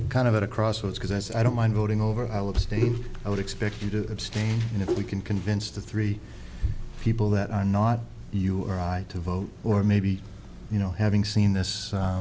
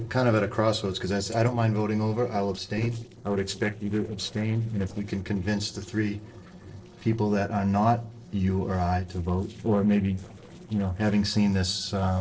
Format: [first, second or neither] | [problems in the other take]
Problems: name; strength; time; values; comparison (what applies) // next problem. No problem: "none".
first | noise reduction (neural separator model SepFormer DNS4)